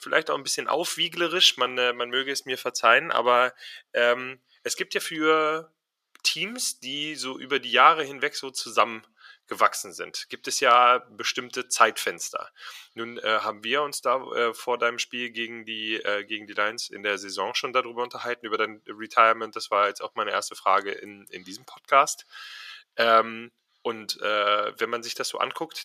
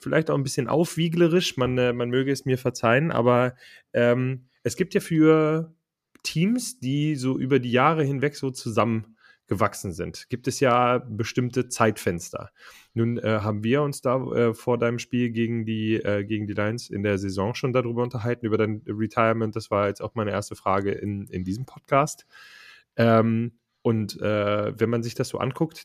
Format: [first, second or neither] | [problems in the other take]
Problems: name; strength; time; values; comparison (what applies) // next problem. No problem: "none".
second | thin; very; fading below 700 Hz